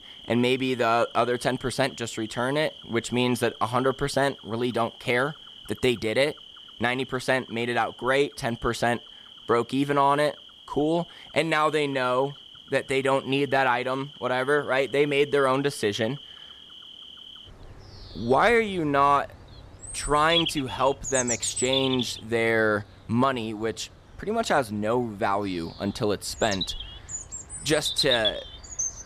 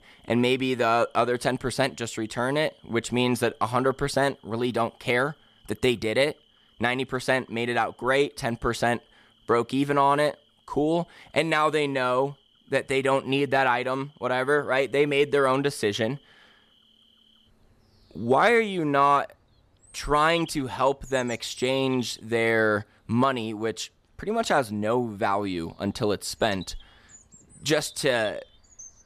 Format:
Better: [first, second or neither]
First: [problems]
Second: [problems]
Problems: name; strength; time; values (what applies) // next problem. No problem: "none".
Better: second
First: animal sounds; loud; throughout; 10 dB below the speech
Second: animal sounds; faint; throughout; 25 dB below the speech